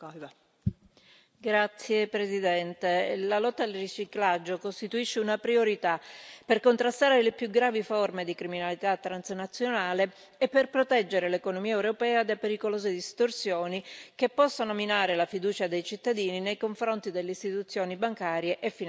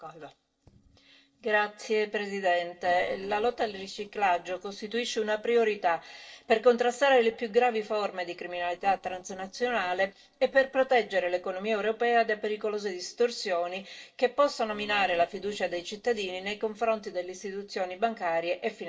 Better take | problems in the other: first | noise reduction (neural separator model SepFormer DNS4)

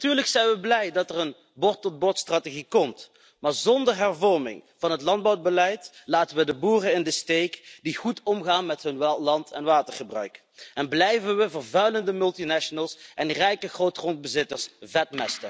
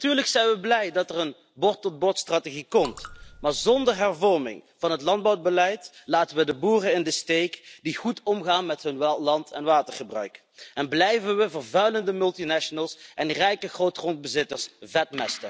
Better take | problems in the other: first | background sound (Raindrop / Drip); 18 dB below the speech

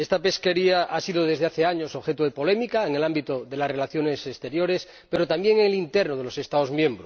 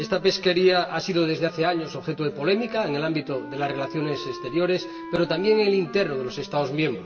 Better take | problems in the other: first | background sound (Wind instrument, woodwind instrument); 15 dB below the speech // room echo; dies away in 2 s

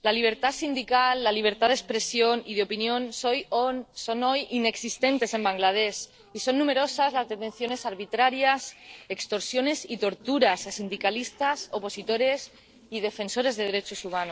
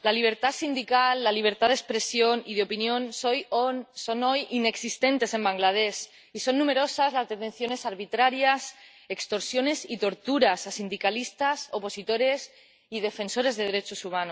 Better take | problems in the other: second | noise reduction (neural separator model SepFormer DNS4)

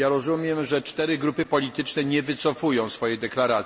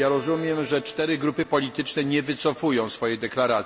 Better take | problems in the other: first | background sound (Bowed string instrument); 19 dB below the speech

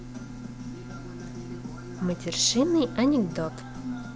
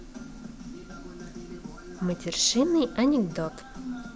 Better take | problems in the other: second | background sound (Bowed string instrument); 13 dB below the speech

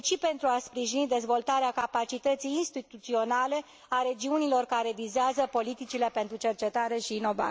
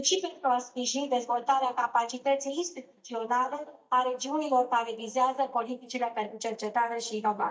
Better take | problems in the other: first | noise reduction (neural mask model DeepFilterNet 3)

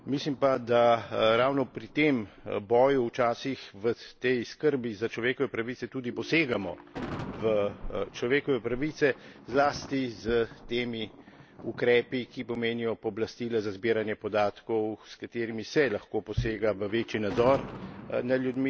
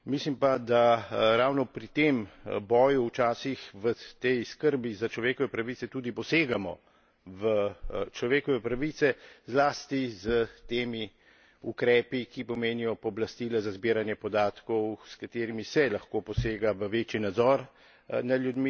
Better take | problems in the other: second | background sound (Ringtone + Thunder); 18 dB below the speech

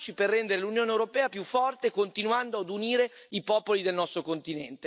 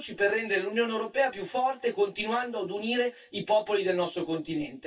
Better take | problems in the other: first | room echo; dies away in 0.1 s

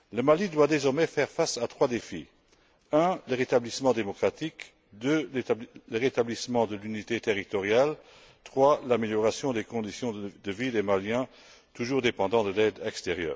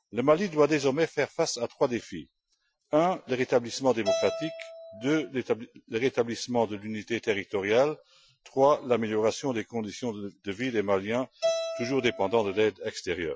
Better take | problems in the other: first | noise reduction (classical method Wiener filter)

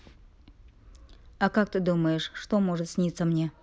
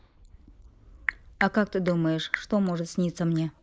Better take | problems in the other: first | noise reduction (neural mask model Resemble Enhance denoiser)

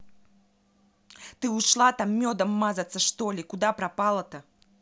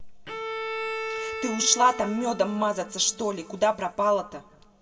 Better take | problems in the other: first | background sound (Bowed string instrument); 9 dB below the speech // room echo; dies away in 1.8 s

